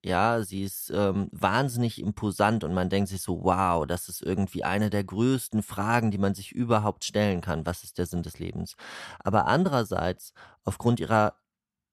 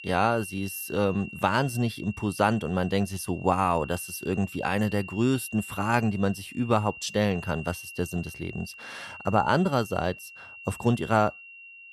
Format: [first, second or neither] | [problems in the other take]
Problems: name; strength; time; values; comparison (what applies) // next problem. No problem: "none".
first | high-pitched whine; noticeable; throughout; 2.5 kHz, 15 dB below the speech